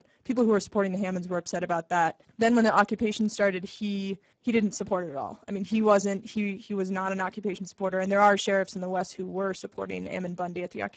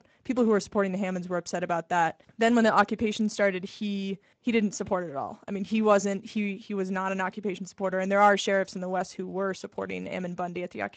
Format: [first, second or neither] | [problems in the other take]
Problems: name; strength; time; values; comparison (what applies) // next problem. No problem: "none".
second | garbled, watery; badly; nothing above 7.5 kHz; slightly in the second